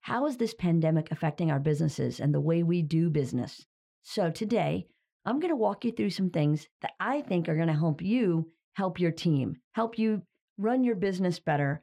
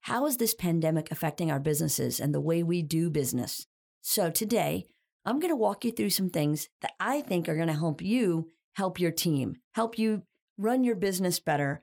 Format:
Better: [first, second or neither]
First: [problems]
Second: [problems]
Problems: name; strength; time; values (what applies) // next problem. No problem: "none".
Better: second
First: muffled; slightly; fading above 3 kHz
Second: none